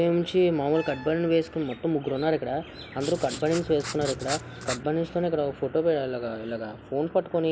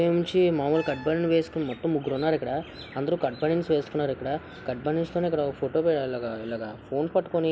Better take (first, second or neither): second